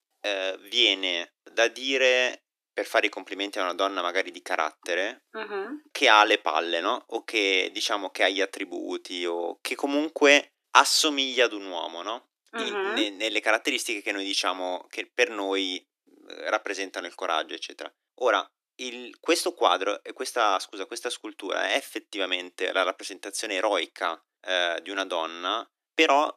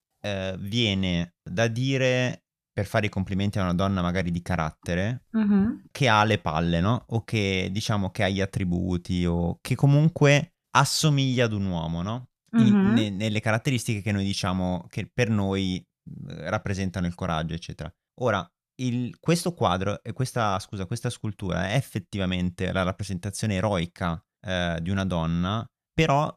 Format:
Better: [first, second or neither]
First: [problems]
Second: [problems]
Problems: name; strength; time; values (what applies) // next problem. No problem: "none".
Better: second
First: thin; very; fading below 300 Hz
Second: none